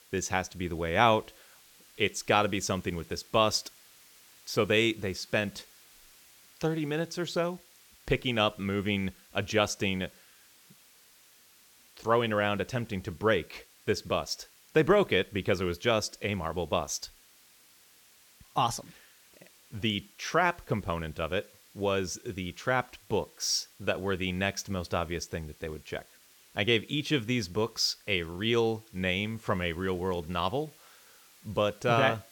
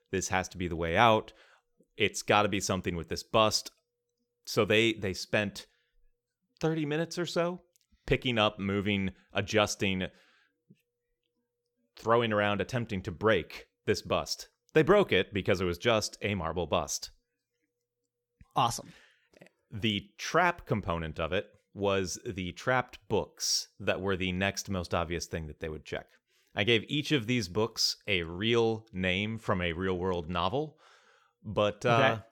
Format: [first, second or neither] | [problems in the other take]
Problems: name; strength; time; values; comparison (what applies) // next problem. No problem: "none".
second | hiss; faint; throughout; 25 dB below the speech